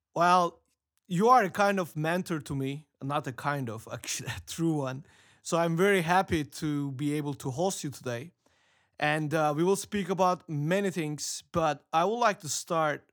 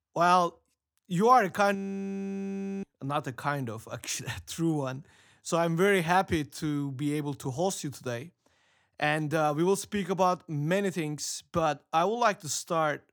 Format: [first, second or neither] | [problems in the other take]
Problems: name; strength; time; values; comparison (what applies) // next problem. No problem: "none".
first | audio freezing; at 2 s for 1 s